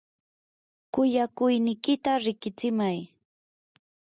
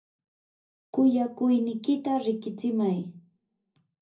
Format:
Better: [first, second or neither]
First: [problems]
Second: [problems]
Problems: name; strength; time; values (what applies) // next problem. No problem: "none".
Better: first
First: none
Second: room echo; dies away in 0.4 s